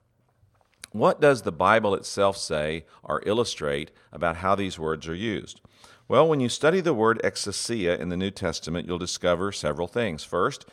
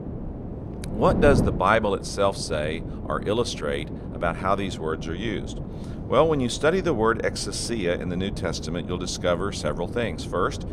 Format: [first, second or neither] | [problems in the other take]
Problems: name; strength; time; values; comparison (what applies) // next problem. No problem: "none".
first | wind noise on the microphone; occasional gusts; 15 dB below the speech